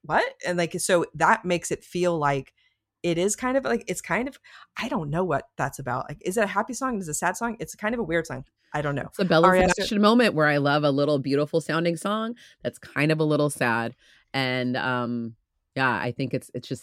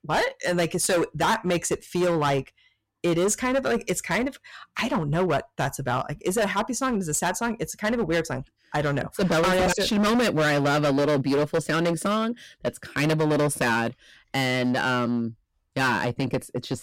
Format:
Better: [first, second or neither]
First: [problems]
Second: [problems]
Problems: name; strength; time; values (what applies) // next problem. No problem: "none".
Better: first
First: none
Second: distortion; heavy; 15% of the sound clipped